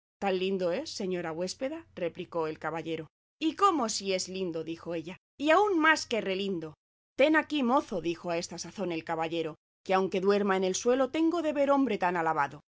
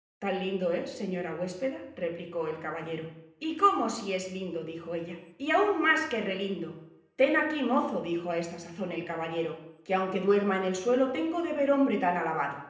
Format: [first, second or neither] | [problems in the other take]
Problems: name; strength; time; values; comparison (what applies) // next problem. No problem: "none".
first | room echo; dies away in 0.8 s